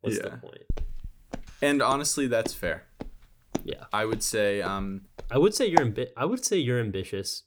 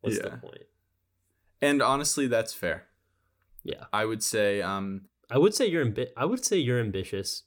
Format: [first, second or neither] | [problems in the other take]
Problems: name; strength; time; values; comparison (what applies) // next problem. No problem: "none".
second | footsteps; loud; from 0.5 to 6 s; peak 1 dB above the speech